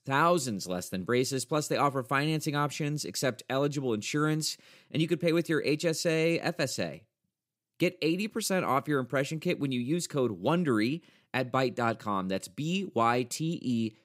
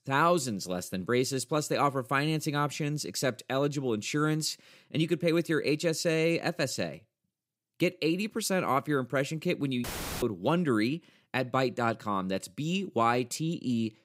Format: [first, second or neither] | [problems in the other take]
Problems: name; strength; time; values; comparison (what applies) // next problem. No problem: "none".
first | audio cutting out; filled with static; at 10 s